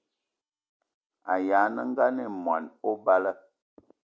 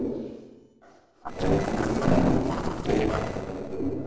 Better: first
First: none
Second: noise reduction (neural separator model SepFormer DNS4)

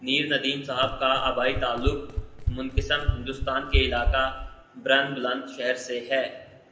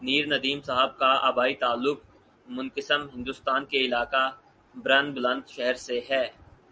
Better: second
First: background sound (Run); 2 dB below the speech // room echo; dies away in 0.7 s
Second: none

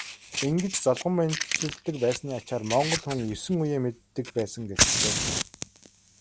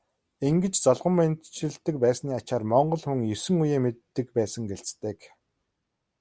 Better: second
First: background sound (Fire); 3 dB below the speech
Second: none

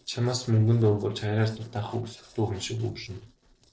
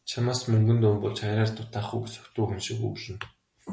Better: second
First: noise reduction (neural separator model SepFormer DNS4)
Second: none

